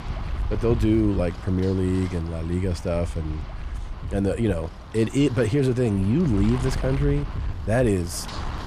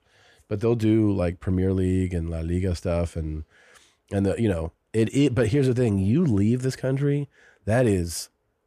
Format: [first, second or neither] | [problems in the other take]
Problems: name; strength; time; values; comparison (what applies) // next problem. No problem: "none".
second | wind noise on the microphone; occasional gusts; 15 dB below the speech